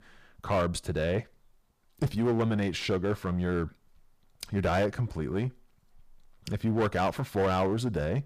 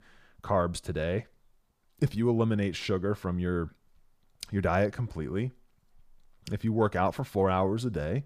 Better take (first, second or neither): second